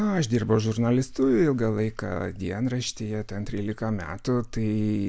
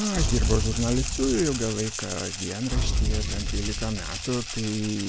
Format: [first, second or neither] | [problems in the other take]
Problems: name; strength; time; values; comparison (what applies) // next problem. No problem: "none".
first | background sound (Boom + Rattle (instrument)); as loud as the speech